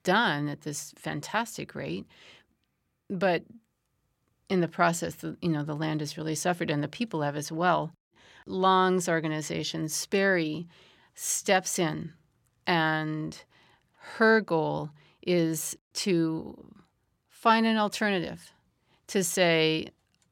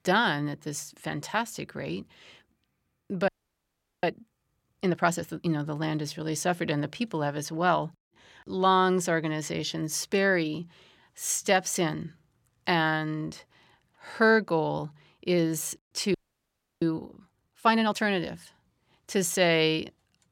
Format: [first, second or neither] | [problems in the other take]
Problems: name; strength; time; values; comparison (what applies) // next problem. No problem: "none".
first | audio freezing; at 3.5 s for 1 s and at 16 s for 0.5 s